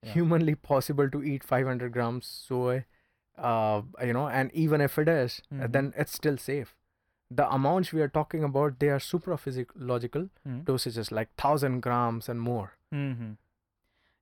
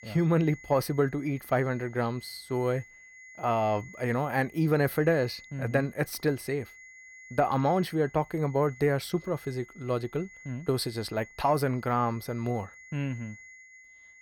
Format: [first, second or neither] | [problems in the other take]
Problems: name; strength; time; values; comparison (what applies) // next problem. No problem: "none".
first | high-pitched whine; faint; throughout; 2 kHz, 20 dB below the speech